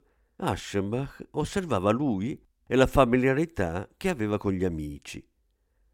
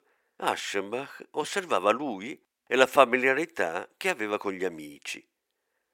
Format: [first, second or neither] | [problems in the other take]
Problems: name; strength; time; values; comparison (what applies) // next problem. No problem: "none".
first | thin; somewhat; fading below 500 Hz